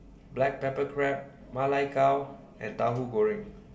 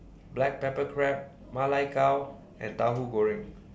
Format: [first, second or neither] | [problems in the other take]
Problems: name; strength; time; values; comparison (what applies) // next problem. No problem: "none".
second | room echo; dies away in 1.1 s